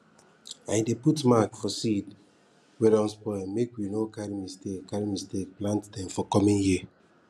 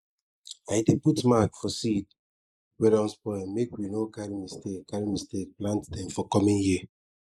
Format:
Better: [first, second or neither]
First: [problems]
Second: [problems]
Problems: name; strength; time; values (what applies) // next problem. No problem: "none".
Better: first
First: none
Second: noise reduction (neural mask model Resemble Enhance denoiser)